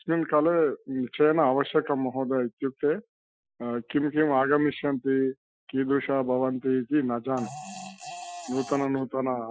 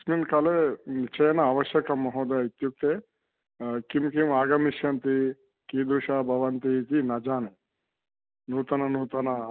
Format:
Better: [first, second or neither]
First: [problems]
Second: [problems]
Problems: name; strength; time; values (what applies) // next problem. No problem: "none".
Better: second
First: noise reduction (classical method Wiener filter)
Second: none